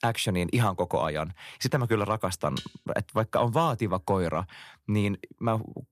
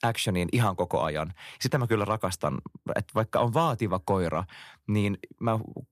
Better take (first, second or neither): second